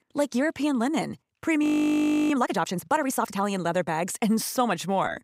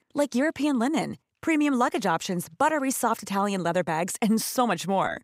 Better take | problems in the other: second | audio freezing; at 1.5 s for 0.5 s

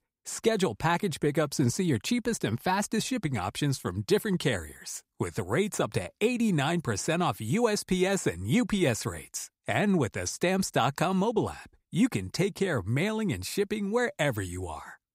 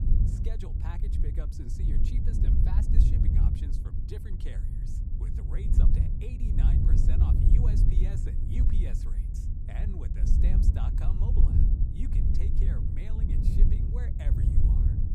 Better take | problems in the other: first | wind noise on the microphone; heavy; 5 dB above the speech

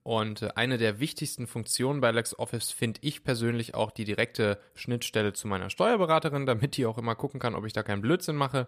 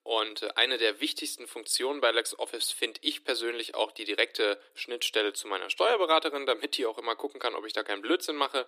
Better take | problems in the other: first | thin; very; fading below 300 Hz

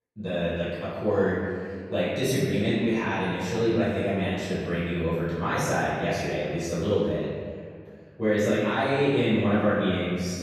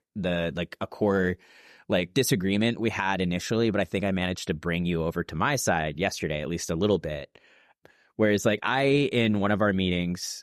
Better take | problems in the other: second | off-mic speech; far // room echo; strong; dies away in 1.8 s

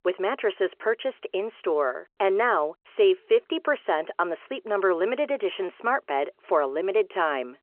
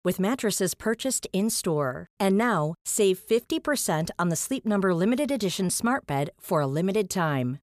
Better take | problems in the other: second | phone-call audio

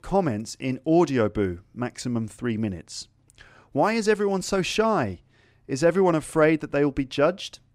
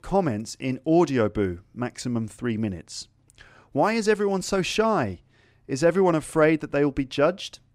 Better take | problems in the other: neither | none

